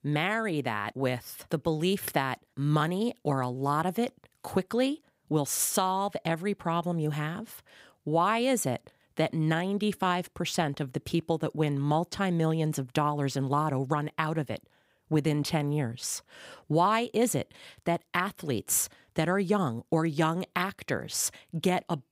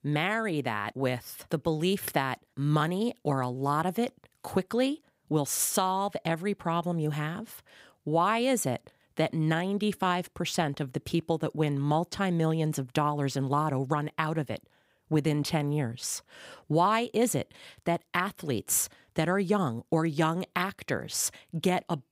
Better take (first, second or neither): neither